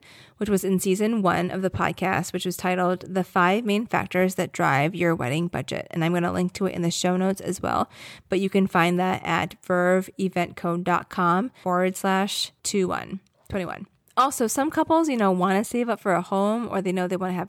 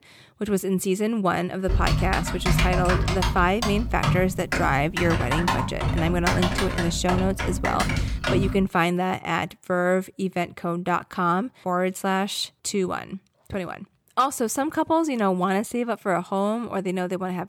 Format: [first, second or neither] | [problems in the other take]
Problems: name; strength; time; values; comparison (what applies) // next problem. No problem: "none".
first | keyboard typing; loud; from 1.5 to 8.5 s; peak 3 dB above the speech